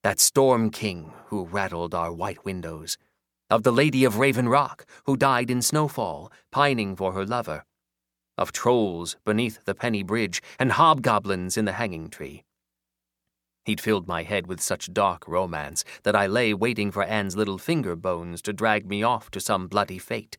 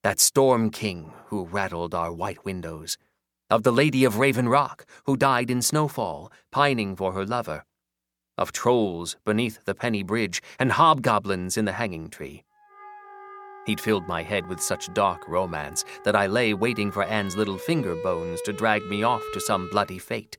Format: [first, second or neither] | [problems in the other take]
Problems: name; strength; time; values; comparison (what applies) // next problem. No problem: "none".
first | background music; noticeable; from 13 s on; 15 dB below the speech